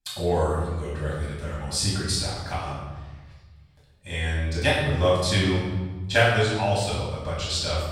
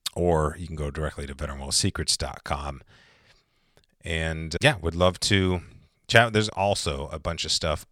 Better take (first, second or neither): second